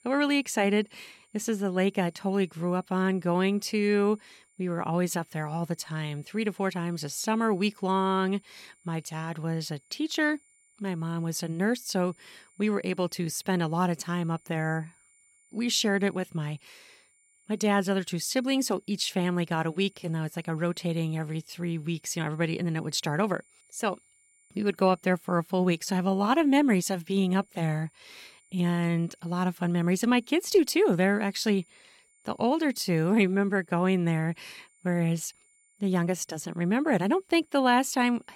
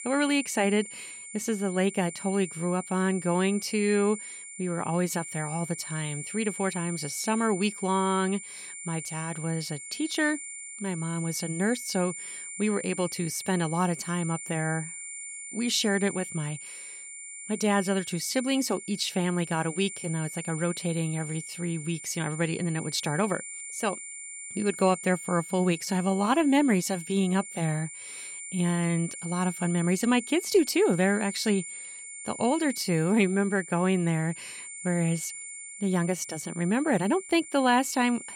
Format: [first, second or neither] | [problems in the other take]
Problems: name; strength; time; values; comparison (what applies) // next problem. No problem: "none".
first | high-pitched whine; loud; throughout; 9 kHz, 10 dB below the speech; faint in the first